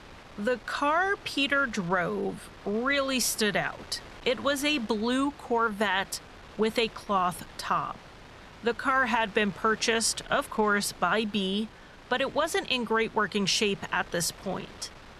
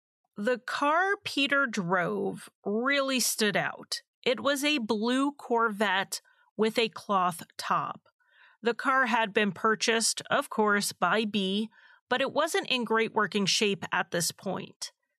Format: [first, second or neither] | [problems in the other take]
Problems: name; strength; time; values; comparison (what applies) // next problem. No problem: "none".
second | wind noise on the microphone; occasional gusts; 20 dB below the speech